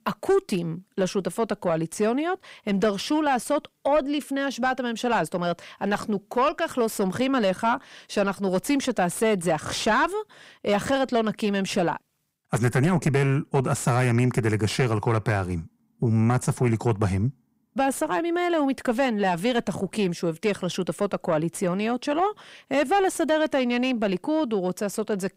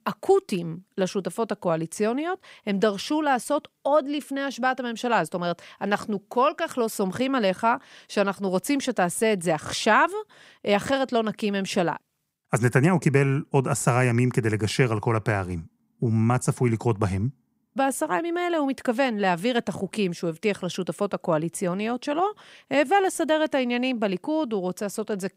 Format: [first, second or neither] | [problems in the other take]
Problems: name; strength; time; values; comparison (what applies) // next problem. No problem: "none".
second | distortion; slight; 10 dB below the speech